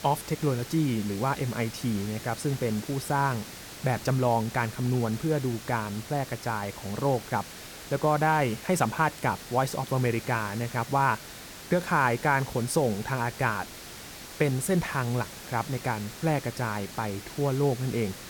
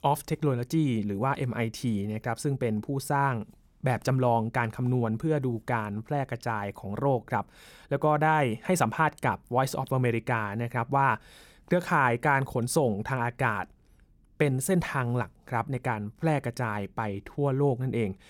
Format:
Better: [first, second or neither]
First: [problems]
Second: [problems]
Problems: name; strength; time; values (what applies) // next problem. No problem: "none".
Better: second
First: hiss; noticeable; throughout; 15 dB below the speech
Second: none